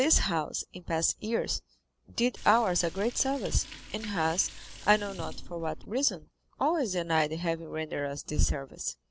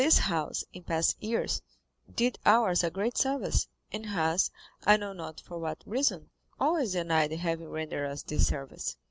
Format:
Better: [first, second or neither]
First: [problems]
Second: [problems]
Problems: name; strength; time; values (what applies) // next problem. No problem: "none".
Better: second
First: background sound (Liquid); 12 dB below the speech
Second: none